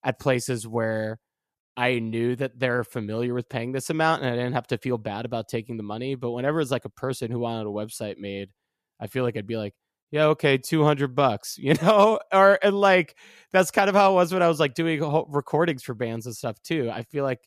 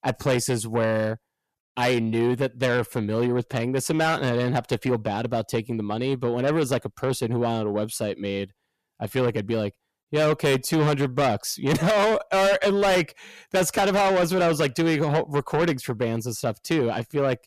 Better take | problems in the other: first | distortion; heavy; 5 dB below the speech

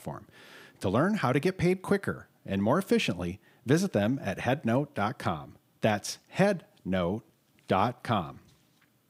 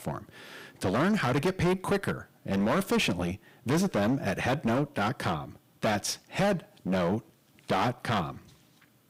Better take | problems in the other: first | distortion; heavy; 14% of the sound clipped

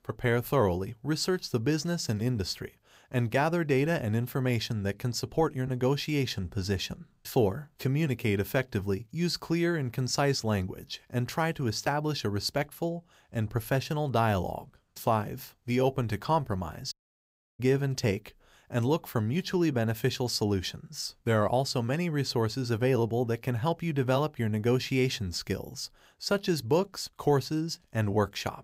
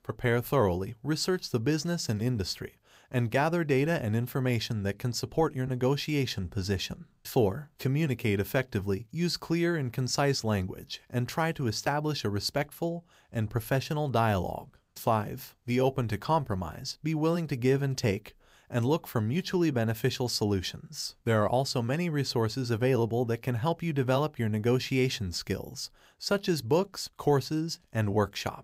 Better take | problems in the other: second | audio cutting out; at 17 s for 0.5 s

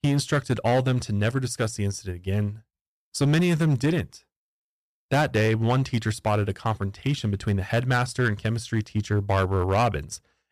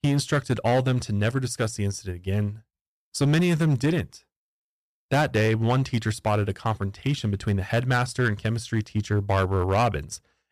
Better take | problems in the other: neither | distortion; slight; 6% of the sound clipped; the same in both

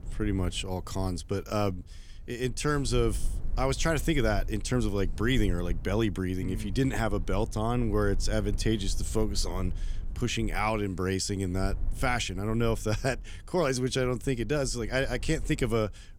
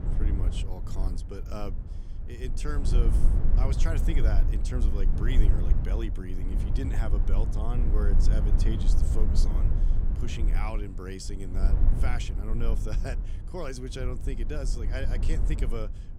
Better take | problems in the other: first | low rumble; loud; throughout; 5 dB below the speech; faint in the first

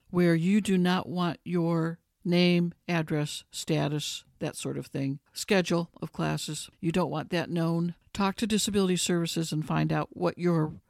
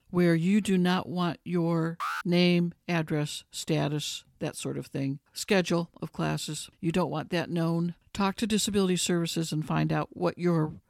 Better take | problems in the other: first | alarm; noticeable; at 2 s; peak 5 dB below the speech

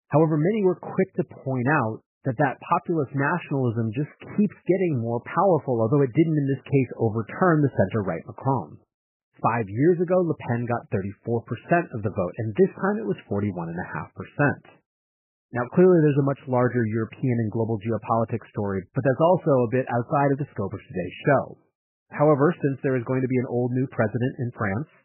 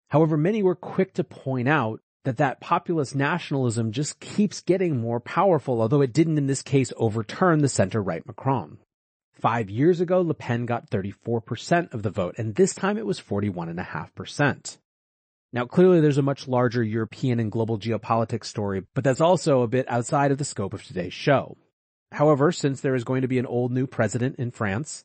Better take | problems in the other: second | garbled, watery; badly; nothing above 3 kHz; slightly in the second

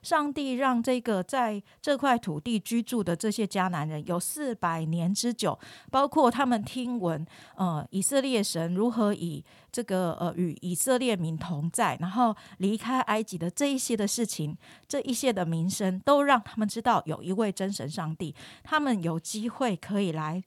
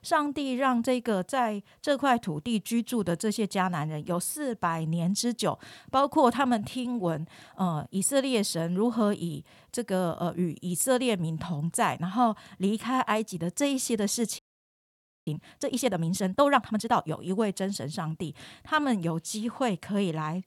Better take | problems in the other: first | audio freezing; at 14 s for 1 s

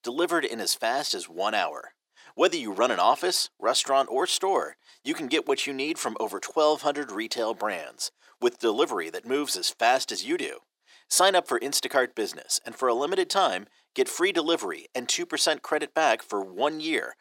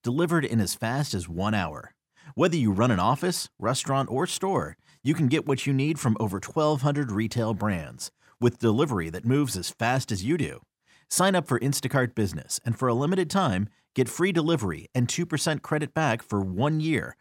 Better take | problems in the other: second | thin; very; fading below 350 Hz

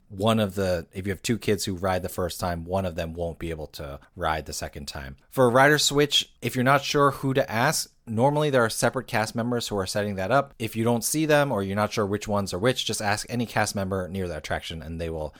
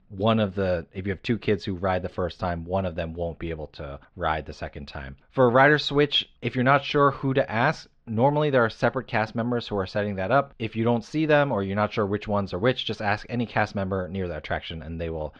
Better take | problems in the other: first | muffled; slightly; fading above 3.5 kHz

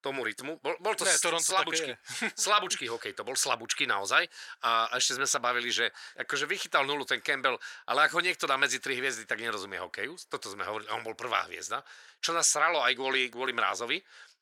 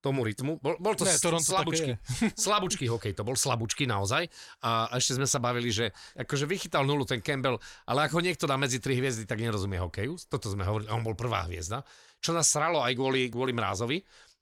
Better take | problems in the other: second | thin; very; fading below 450 Hz

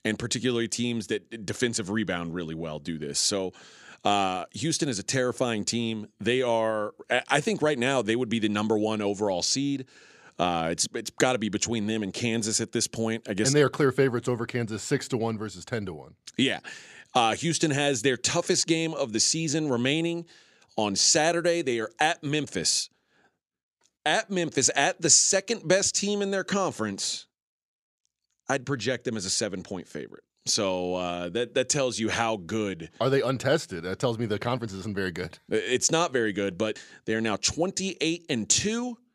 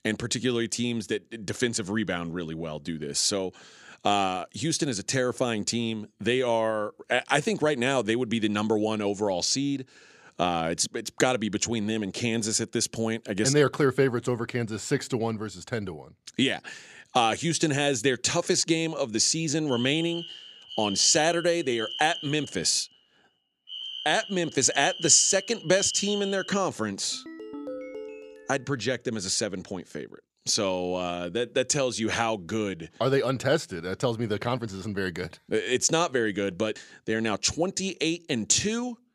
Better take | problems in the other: first | alarm; noticeable; from 20 to 27 s; peak 7 dB below the speech // phone ringing; faint; from 27 to 29 s; peak 10 dB below the speech

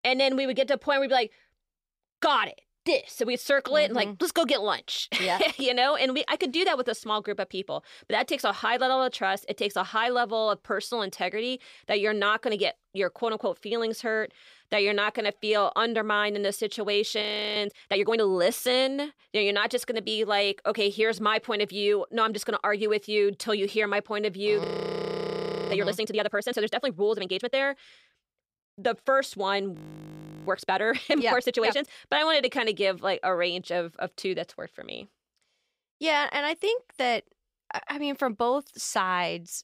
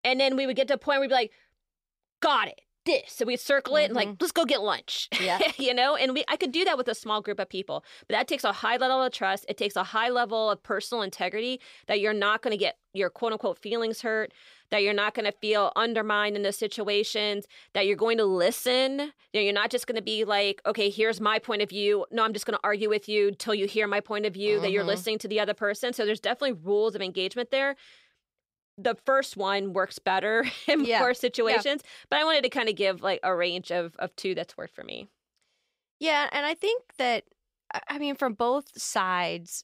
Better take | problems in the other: second | audio freezing; at 17 s, at 25 s for 1 s and at 30 s for 0.5 s

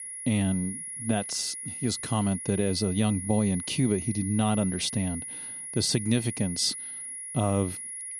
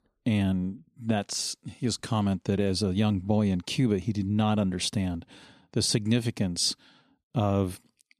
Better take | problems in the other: second | high-pitched whine; loud; throughout; 10.5 kHz, 7 dB below the speech

